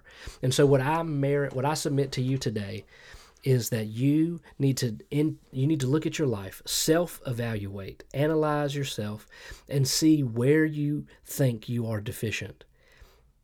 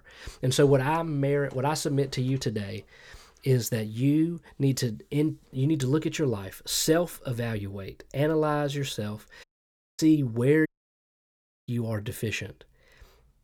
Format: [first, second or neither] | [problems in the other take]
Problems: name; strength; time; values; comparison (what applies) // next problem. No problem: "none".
first | audio cutting out; at 9.5 s for 0.5 s and at 11 s for 1 s